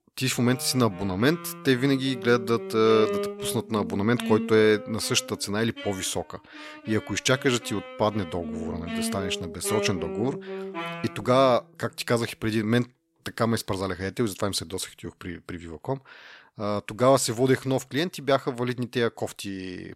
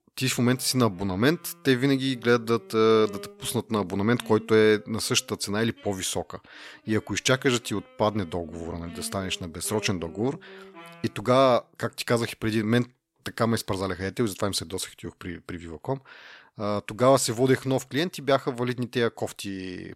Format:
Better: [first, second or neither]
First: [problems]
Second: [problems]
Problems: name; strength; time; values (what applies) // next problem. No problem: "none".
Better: second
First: background music; loud; throughout; 10 dB below the speech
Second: background music; faint; throughout; 20 dB below the speech